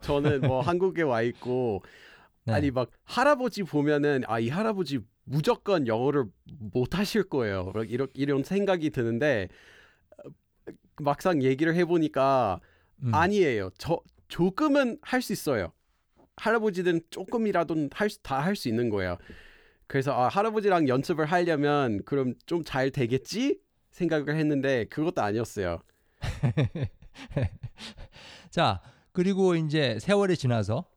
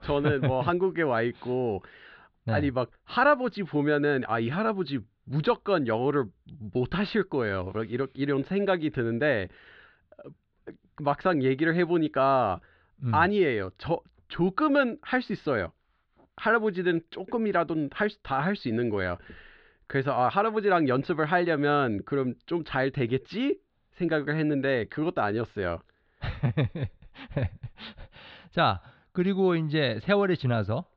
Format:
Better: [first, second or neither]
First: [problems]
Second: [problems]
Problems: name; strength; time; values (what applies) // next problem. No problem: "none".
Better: first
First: none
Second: muffled; very slightly; fading above 4 kHz